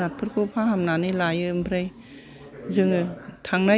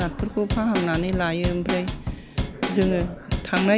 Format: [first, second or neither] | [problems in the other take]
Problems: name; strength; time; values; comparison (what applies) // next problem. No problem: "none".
first | background sound (Drum / Drum kit); 5 dB below the speech